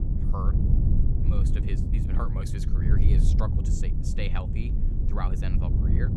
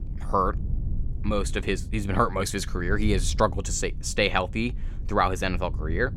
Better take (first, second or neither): second